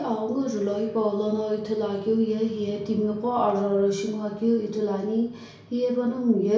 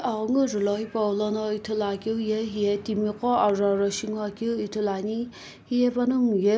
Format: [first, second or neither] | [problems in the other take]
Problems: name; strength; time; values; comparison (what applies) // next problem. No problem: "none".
second | room echo; dies away in 0.6 s